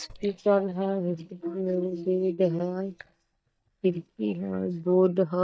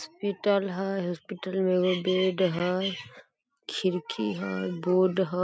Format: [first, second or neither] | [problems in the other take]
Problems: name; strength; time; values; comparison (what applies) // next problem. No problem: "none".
second | noise reduction (neural mask model DeepFilterNet 3)